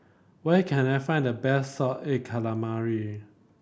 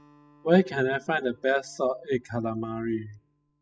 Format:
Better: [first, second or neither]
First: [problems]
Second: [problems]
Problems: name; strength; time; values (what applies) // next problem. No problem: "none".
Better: first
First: none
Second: noise reduction (classical method spectral subtraction)